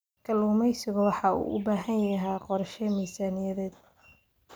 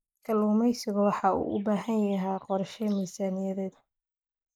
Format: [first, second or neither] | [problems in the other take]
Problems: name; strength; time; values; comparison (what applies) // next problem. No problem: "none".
first | noise reduction (neural mask model Resemble Enhance denoiser)